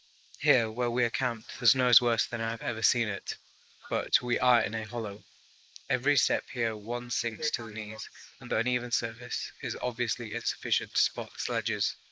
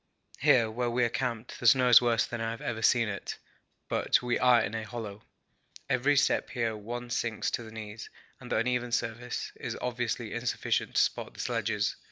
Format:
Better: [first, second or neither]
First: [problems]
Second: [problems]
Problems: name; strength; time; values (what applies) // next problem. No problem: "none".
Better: second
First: noise reduction (neural mask model Resemble Enhance denoiser)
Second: none